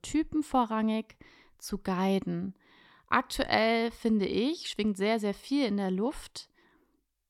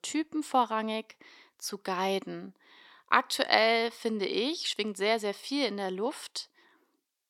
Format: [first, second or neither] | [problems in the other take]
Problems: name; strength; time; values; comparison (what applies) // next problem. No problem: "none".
first | thin; somewhat; fading below 350 Hz